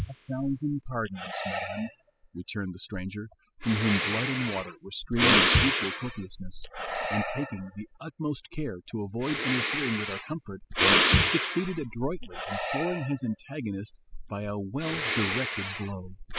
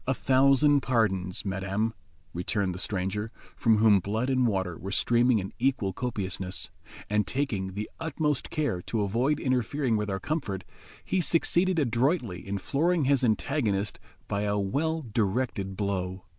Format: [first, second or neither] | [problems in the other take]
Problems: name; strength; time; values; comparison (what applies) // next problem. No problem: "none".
second | noise reduction (classical method spectral subtraction)